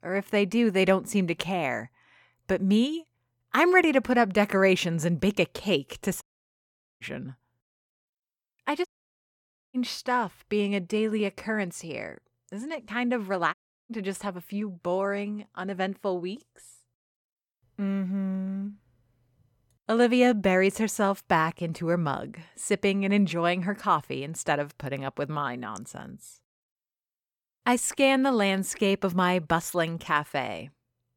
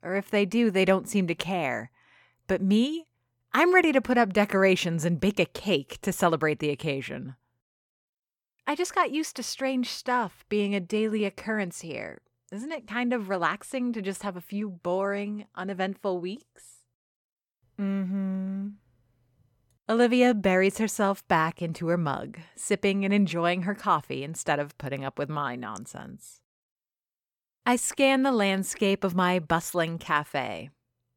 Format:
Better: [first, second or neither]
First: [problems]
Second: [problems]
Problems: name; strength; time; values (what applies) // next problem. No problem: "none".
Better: second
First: audio cutting out; at 6 s for 1 s, at 9 s for 1 s and at 14 s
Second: none